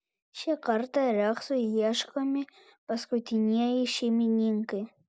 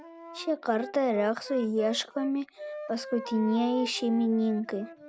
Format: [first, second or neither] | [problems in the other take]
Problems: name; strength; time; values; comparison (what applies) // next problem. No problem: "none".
first | background sound (Wind instrument, woodwind instrument); 13 dB below the speech